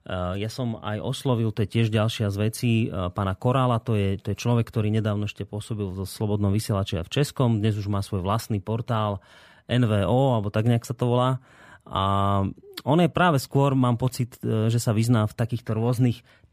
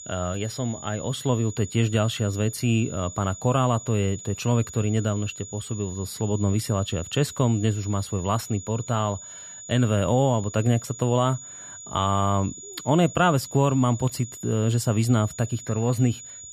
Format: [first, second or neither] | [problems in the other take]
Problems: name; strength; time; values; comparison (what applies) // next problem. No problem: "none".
first | high-pitched whine; noticeable; throughout; 7 kHz, 15 dB below the speech